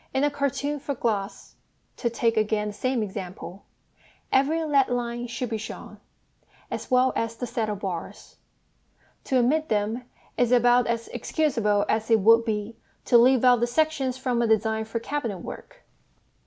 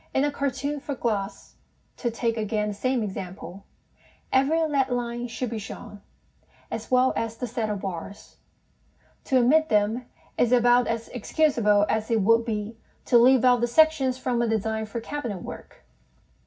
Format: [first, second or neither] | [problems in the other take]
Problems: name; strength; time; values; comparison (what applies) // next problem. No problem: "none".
first | room echo; dies away in 0.4 s